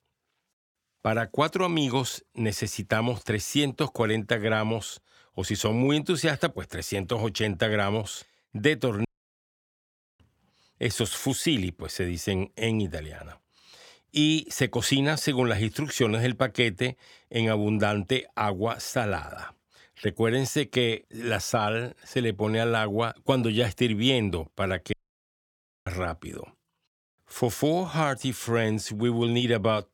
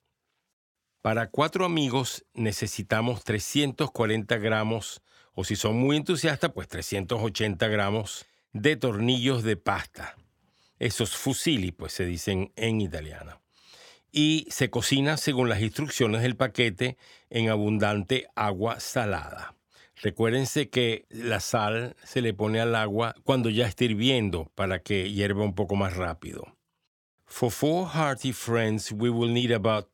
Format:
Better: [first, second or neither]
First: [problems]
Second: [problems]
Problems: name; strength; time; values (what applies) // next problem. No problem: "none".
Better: second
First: audio cutting out; at 9 s for 1 s and at 25 s for 1 s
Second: none